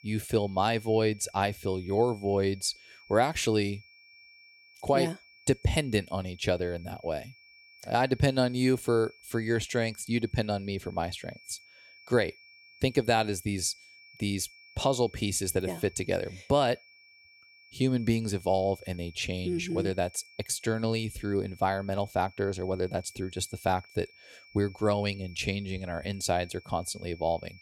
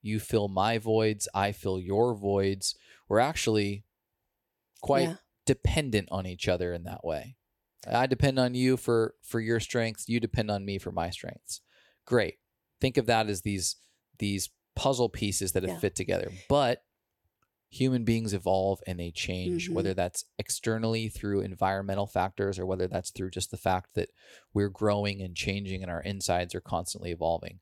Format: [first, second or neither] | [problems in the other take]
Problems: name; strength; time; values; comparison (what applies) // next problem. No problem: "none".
second | high-pitched whine; faint; throughout; 2.5 kHz, 25 dB below the speech